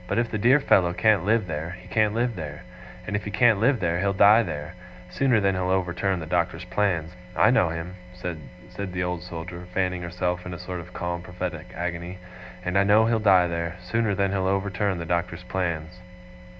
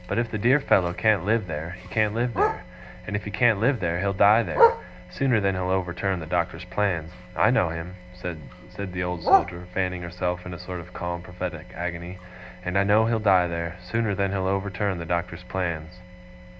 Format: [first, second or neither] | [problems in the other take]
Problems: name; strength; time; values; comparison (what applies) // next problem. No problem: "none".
first | background sound (Bark); 7 dB below the speech